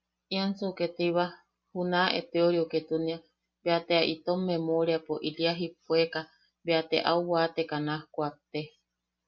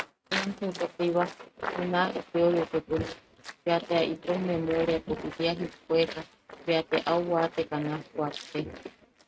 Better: first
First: none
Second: noise reduction (neural mask model RNNoise)

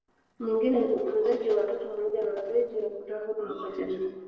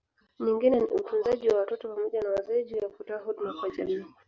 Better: second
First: noise reduction (neural separator model SepFormer DNS4)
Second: none

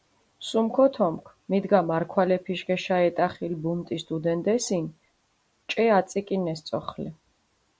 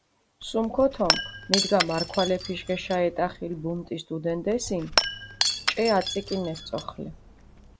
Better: first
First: none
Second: background sound (Shatter / Crushing); 3 dB below the speech

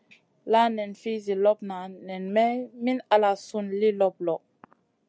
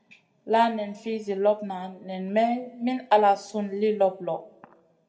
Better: first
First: none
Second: room echo; dies away in 0.7 s

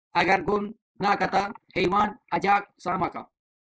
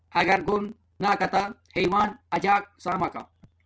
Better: second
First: noise reduction (neural mask model Resemble Enhance denoiser)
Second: none

